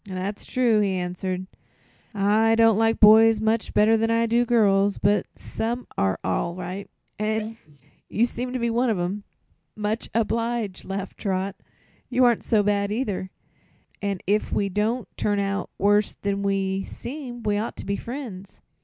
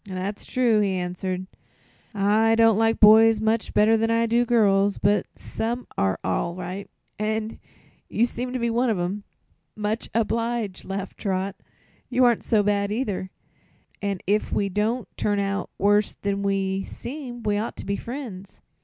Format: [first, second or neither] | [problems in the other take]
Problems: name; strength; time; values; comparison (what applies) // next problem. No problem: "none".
second | noise reduction (neural mask model Resemble Enhance denoiser)